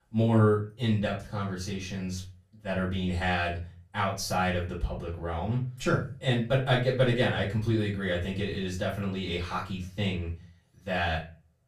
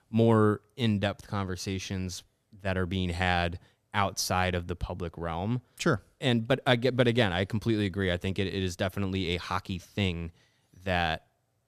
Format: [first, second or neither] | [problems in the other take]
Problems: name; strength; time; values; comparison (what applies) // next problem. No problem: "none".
second | off-mic speech; far // room echo; slight; dies away in 0.3 s